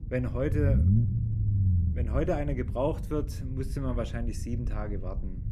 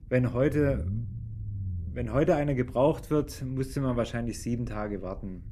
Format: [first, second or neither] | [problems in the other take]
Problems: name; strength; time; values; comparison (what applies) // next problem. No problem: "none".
second | low rumble; loud; throughout; 9 dB below the speech; faint in the second